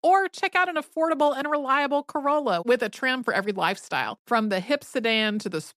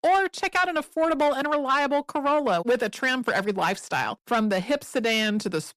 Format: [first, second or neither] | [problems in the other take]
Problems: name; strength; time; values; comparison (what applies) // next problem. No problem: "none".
first | distortion; slight; 10 dB below the speech